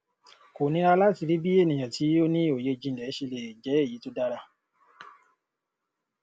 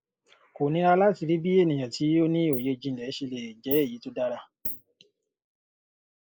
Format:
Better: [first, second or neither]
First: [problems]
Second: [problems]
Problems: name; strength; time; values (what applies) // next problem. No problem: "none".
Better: first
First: none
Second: noise reduction (neural mask model Resemble Enhance denoiser)